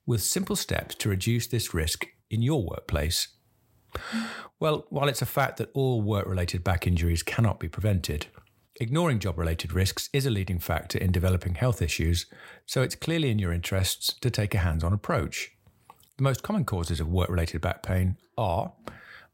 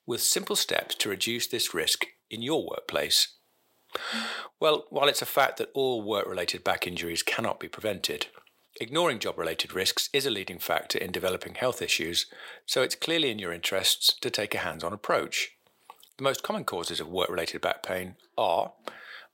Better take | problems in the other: first | thin; very; fading below 450 Hz

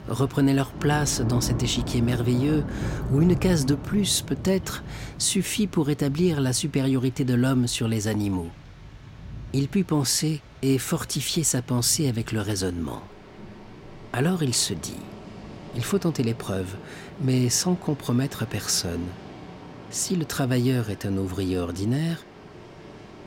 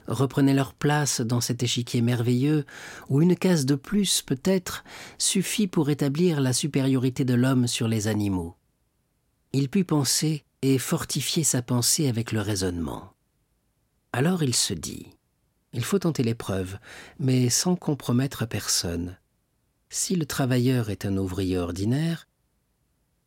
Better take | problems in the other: second | rain or running water; noticeable; throughout; 15 dB below the speech

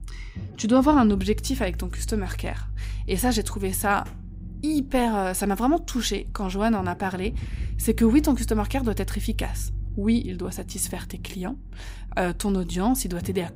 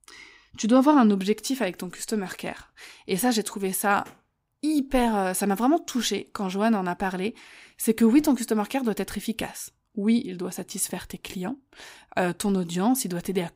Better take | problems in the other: second | low rumble; faint; throughout; 25 dB below the speech

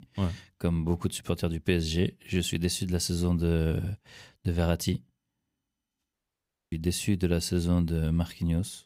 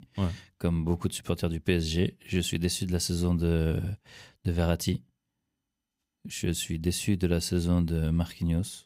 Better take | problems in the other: second | audio cutting out; at 6 s for 0.5 s

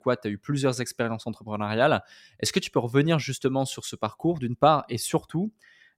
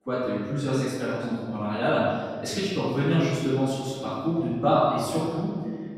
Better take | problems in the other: first | room echo; strong; dies away in 1.7 s // off-mic speech; far

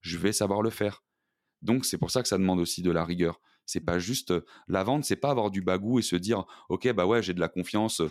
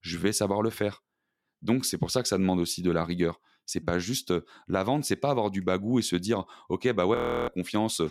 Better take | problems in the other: first | audio freezing; at 7 s

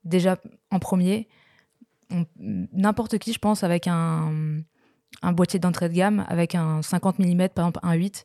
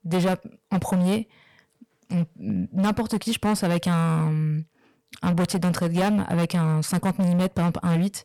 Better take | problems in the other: first | distortion; slight; 18% of the sound clipped

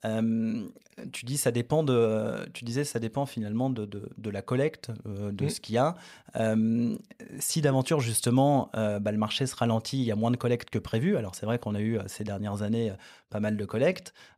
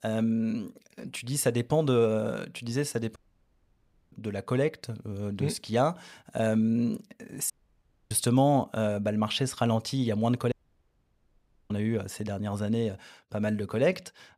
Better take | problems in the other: first | audio cutting out; at 3 s for 1 s, at 7.5 s for 0.5 s and at 11 s for 1 s

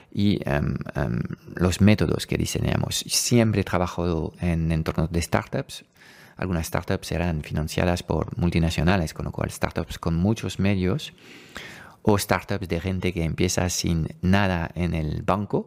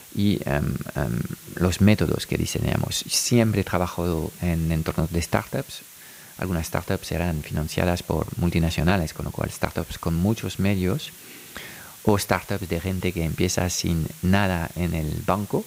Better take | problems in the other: first | hiss; noticeable; throughout; 20 dB below the speech

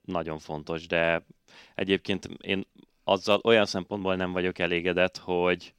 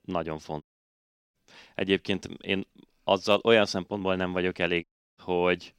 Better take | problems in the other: first | audio cutting out; at 0.5 s for 0.5 s and at 5 s

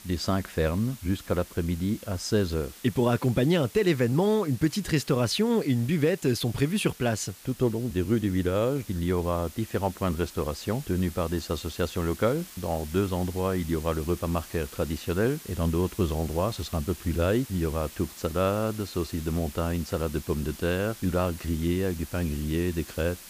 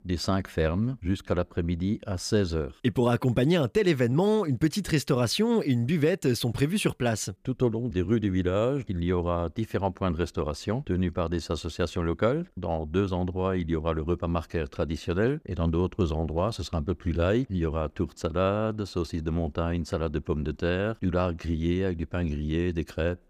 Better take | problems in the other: second | hiss; noticeable; throughout; 15 dB below the speech

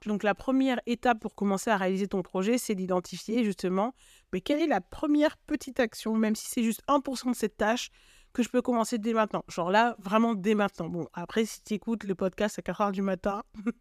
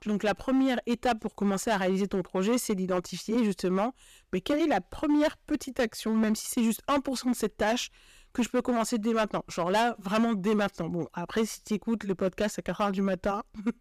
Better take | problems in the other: first | distortion; slight; 8% of the sound clipped

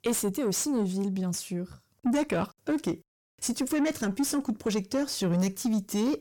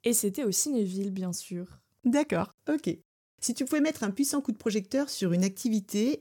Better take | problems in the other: second | distortion; slight; 10 dB below the speech

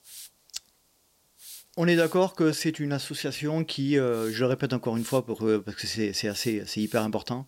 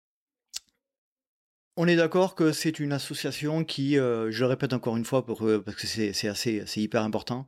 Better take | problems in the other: second | hiss; noticeable; throughout; 20 dB below the speech

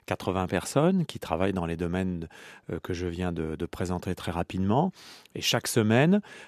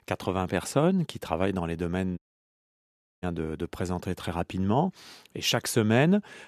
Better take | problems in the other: first | audio cutting out; at 2 s for 1 s

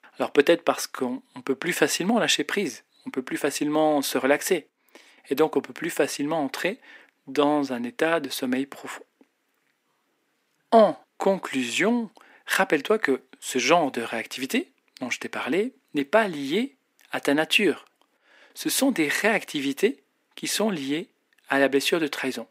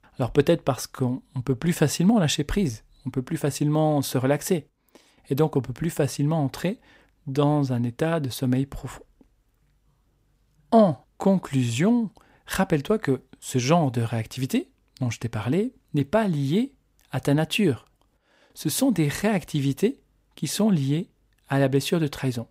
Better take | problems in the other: second | thin; somewhat; fading below 250 Hz

